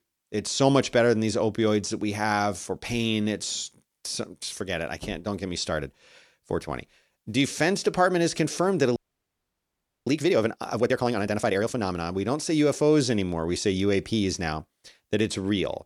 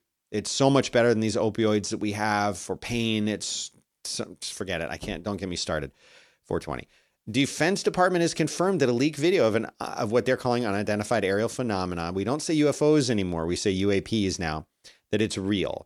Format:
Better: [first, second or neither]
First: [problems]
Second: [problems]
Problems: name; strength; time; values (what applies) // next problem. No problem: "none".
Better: second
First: audio freezing; at 9 s for 1 s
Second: none